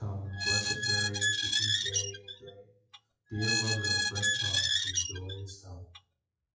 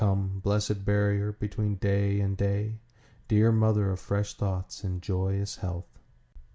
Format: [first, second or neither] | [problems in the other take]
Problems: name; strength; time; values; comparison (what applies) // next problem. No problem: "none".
second | noise reduction (classical method WPE with log-MMSE)